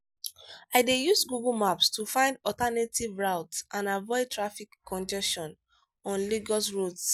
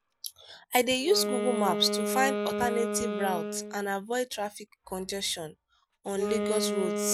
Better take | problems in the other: first | background sound (Wind instrument, woodwind instrument); 3 dB below the speech

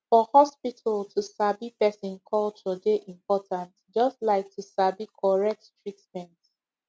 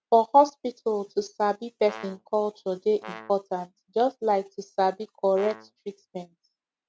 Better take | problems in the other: first | background sound (Brass instrument); 18 dB below the speech

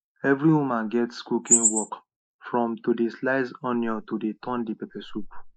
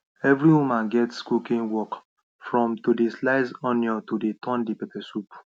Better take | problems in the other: second | noise reduction (neural mask model Resemble Enhance denoiser)

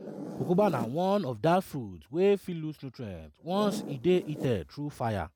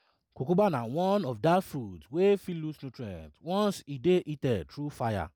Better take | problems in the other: second | background sound (Zipper (clothing)); 13 dB below the speech

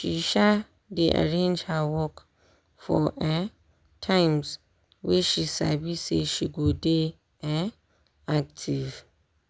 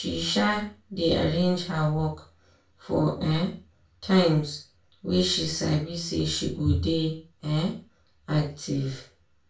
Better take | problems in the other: first | room echo; dies away in 0.3 s

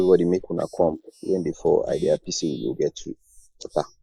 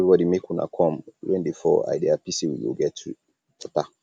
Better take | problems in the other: second | noise reduction (neural mask model Resemble Enhance denoiser)

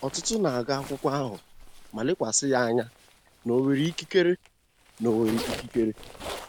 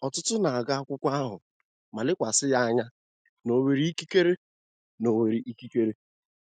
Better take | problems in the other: second | background sound (Zipper (clothing)); 15 dB below the speech

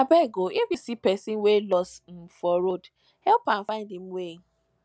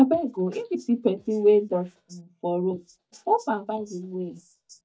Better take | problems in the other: first | noise reduction (neural mask model DeepFilterNet 3)

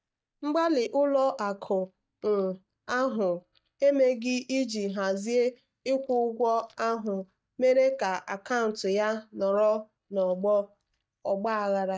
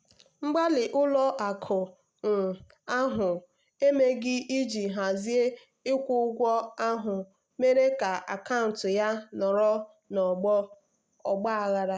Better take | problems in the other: second | noise reduction (neural mask model DeepFilterNet 3)

